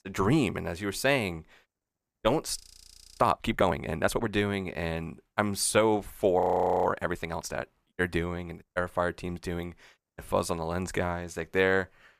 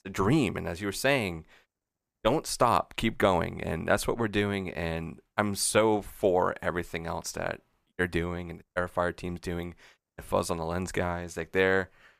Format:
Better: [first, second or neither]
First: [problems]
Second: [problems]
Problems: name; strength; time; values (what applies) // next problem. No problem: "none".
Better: second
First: audio freezing; at 2.5 s for 0.5 s and at 6.5 s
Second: none